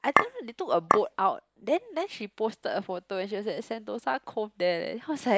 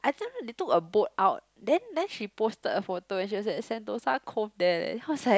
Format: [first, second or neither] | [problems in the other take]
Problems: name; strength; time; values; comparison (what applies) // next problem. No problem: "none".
second | noise reduction (neural mask model Resemble Enhance denoiser)